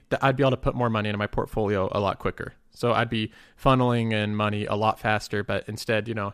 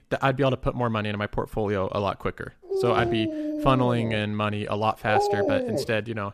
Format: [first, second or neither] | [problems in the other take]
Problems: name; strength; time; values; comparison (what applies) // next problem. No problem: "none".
first | dog barking; loud; from 2.5 to 6 s; peak 3 dB above the speech